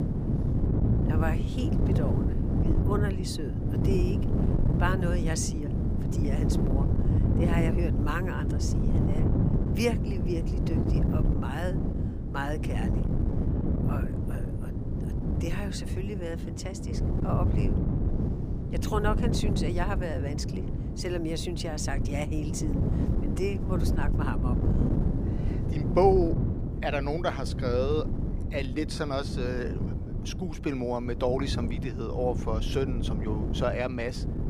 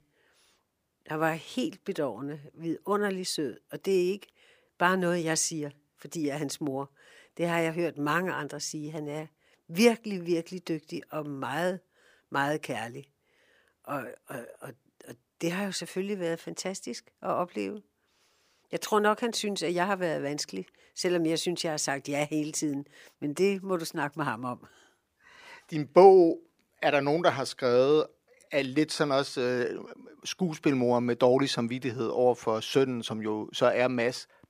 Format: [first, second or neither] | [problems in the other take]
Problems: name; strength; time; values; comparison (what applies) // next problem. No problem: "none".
second | wind noise on the microphone; heavy; 5 dB below the speech